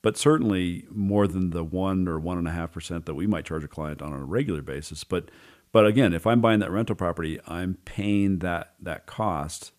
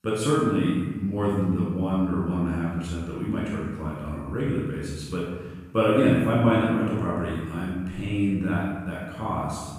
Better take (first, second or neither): first